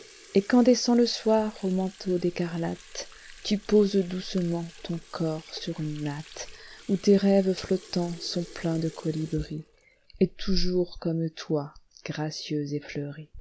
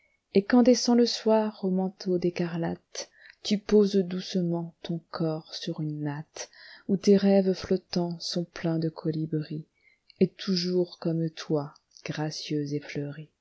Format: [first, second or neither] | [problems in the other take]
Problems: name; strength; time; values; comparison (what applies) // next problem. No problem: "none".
second | background sound (Sink (filling or washing) / Water tap, faucet); 12 dB below the speech